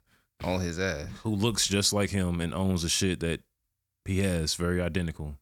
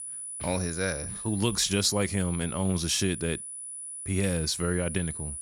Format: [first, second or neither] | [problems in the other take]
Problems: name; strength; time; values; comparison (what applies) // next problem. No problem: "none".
first | high-pitched whine; loud; throughout; 10 kHz, 7 dB below the speech